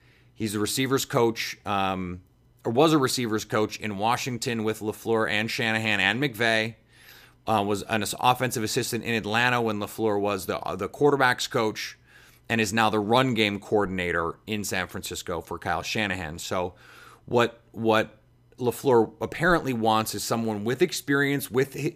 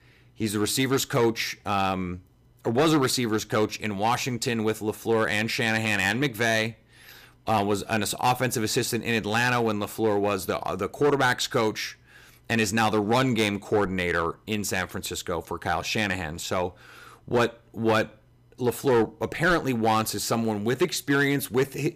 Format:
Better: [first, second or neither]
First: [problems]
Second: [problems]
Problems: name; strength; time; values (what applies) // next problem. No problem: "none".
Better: first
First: none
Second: distortion; slight; 4% of the sound clipped